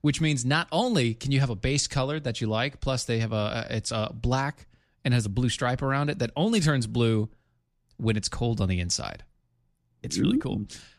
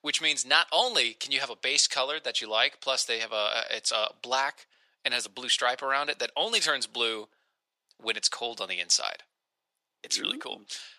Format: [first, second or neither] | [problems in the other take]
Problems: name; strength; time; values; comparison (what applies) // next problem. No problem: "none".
first | thin; very; fading below 550 Hz